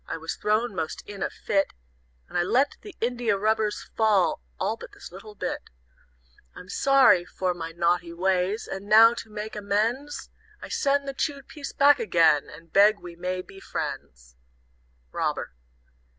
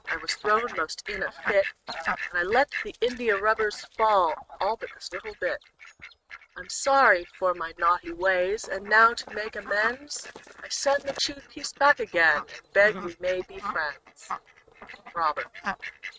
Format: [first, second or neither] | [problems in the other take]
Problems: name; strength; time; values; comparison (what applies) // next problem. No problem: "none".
first | noise reduction (neural mask model RNNoise)